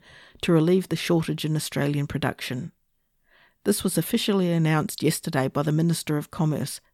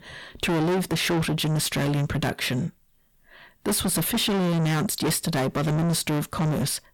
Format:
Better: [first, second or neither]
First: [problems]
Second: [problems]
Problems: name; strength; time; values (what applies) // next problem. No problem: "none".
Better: first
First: none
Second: distortion; heavy; 5 dB below the speech